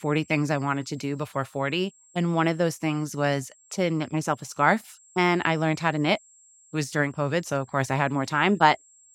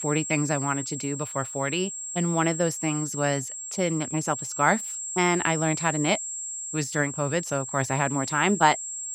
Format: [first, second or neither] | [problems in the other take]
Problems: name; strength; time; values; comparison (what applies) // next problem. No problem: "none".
first | high-pitched whine; loud; throughout; 7.5 kHz, 5 dB below the speech; faint in the first